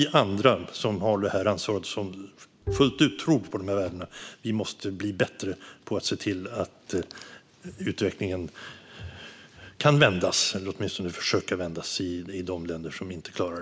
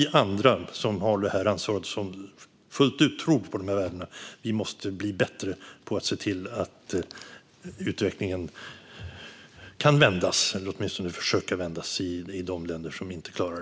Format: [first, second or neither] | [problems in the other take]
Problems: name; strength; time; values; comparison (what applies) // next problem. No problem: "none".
second | background sound (Bowed string instrument); 10 dB below the speech